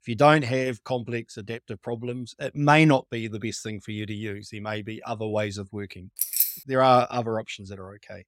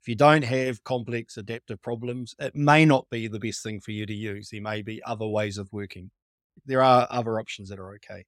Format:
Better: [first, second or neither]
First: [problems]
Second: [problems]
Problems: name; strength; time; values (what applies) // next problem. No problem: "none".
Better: second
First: jangling keys; loud; at 6 s; peak 2 dB above the speech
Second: none